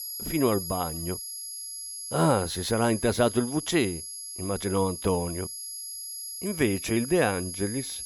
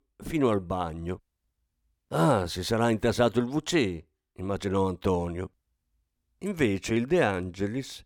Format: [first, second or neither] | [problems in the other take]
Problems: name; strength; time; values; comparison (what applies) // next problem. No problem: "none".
second | high-pitched whine; loud; throughout; 11 kHz, 7 dB below the speech